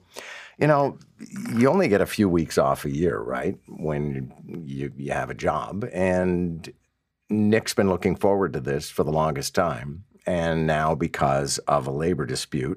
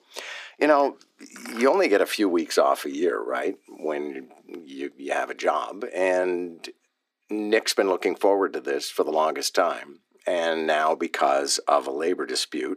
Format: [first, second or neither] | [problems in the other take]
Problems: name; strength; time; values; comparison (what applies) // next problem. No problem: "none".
first | thin; somewhat; fading below 300 Hz